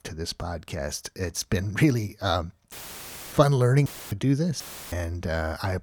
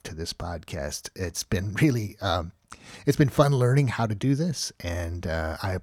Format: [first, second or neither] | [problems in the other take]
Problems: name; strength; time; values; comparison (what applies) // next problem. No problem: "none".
second | audio cutting out; filled with static; at 2.5 s for 0.5 s, at 4 s and at 4.5 s